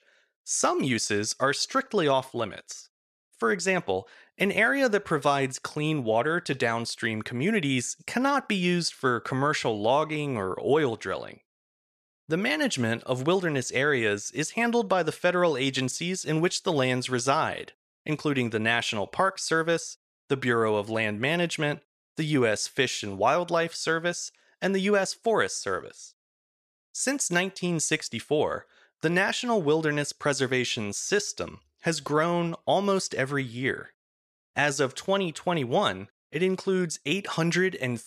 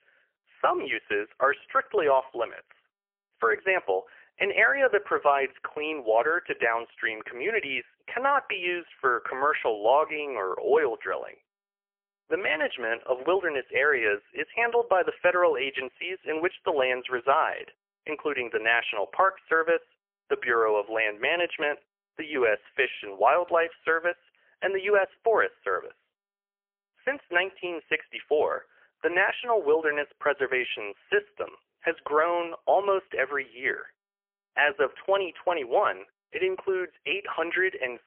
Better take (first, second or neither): first